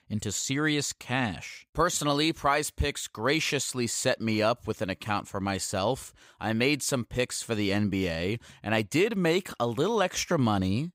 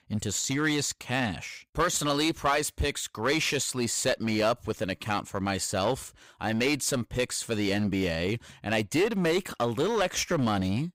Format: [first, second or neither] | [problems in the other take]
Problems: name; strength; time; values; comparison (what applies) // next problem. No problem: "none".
first | distortion; slight; 6% of the sound clipped